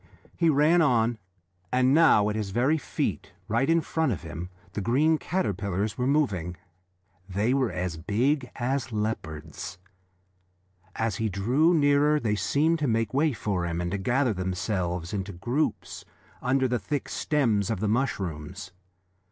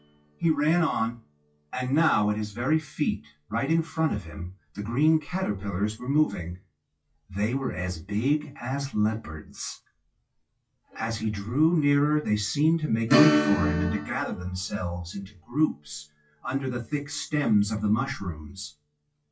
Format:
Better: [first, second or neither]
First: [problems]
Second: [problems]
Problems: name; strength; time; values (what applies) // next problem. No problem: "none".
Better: first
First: none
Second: noise reduction (classical method WPE with log-MMSE)